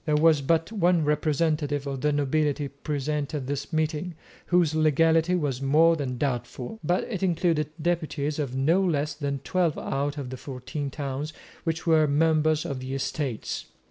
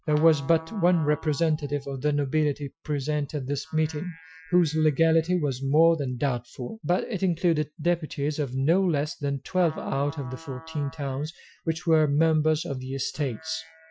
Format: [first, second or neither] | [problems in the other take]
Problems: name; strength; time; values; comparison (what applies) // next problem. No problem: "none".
first | noise reduction (classical method Wiener filter)